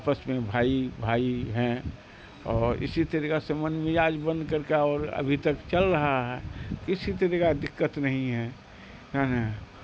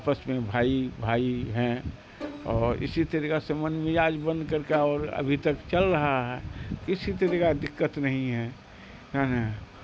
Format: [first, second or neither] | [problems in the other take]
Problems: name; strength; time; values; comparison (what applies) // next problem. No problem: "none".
first | background sound (Bowed string instrument); 19 dB below the speech